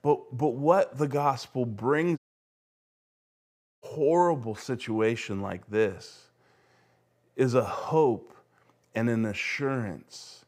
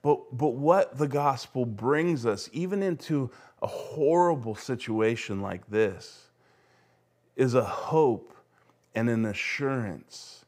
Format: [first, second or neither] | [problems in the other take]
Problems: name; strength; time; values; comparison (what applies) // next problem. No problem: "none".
second | audio cutting out; at 2 s for 1.5 s